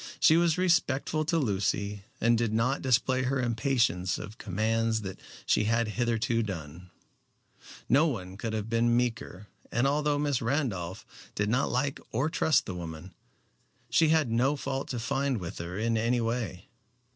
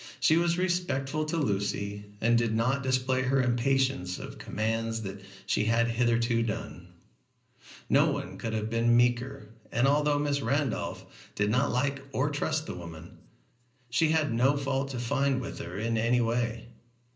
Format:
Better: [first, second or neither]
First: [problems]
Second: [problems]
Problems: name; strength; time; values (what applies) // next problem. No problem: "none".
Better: first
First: none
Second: room echo; dies away in 0.5 s